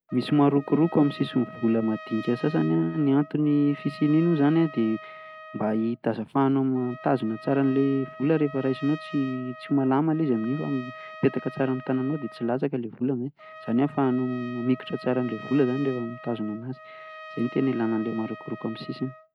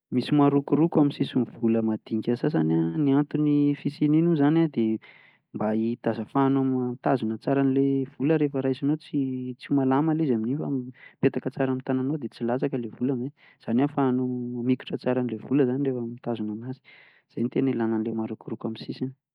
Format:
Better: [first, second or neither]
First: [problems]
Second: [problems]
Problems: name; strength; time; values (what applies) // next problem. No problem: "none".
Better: second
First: background sound (Trumpet); 17 dB below the speech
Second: none